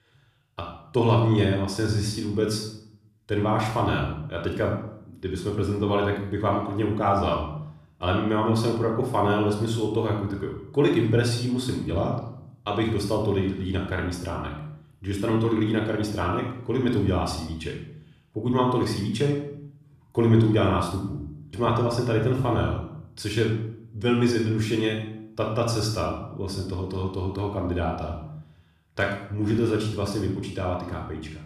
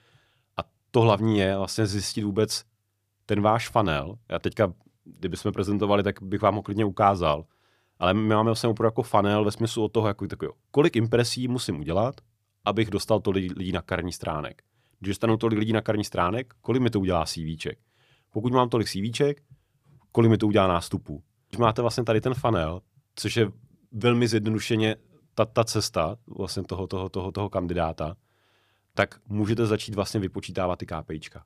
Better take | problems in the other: second | off-mic speech; far // room echo; noticeable; dies away in 0.6 s

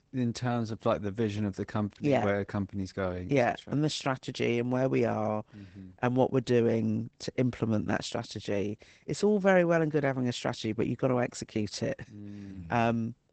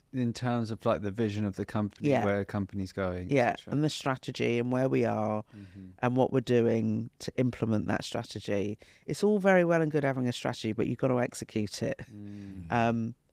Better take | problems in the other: second | garbled, watery; badly; nothing above 8 kHz; slightly in the second

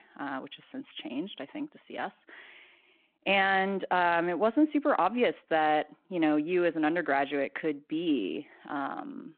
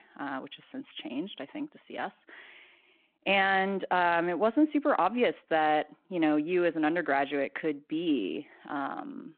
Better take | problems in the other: neither | phone-call audio; the same in both

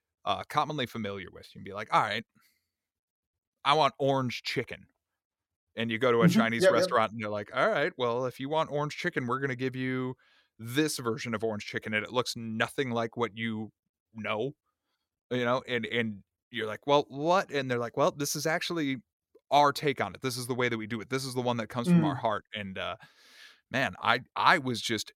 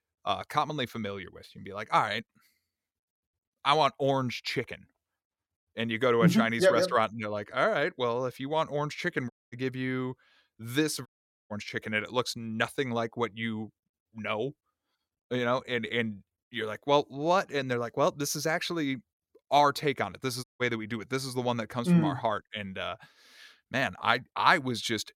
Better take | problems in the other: first | audio cutting out; at 9.5 s, at 11 s and at 20 s

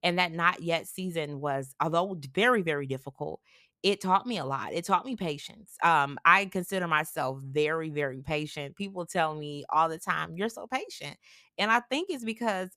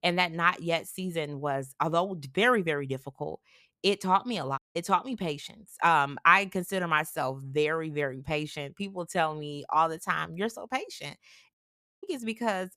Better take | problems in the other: first | audio cutting out; at 4.5 s and at 12 s

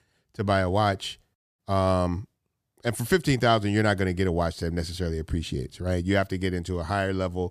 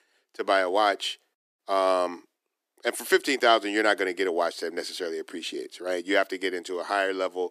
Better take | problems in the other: first | thin; very; fading below 300 Hz

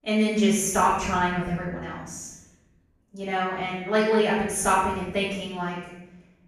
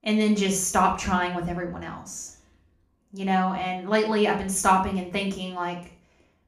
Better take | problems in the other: second | room echo; strong; dies away in 0.8 s; slight in the second // off-mic speech; far; somewhat distant in the second

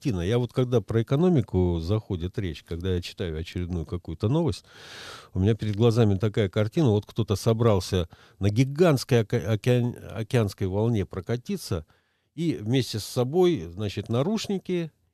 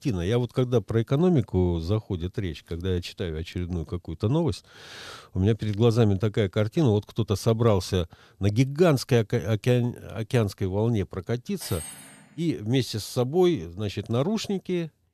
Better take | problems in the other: first | clattering dishes; faint; at 12 s; peak 10 dB below the speech

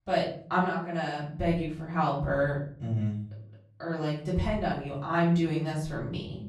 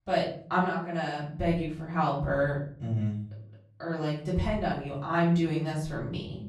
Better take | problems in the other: neither | off-mic speech; far; the same in both // room echo; noticeable; dies away in 0.5 s; the same in both

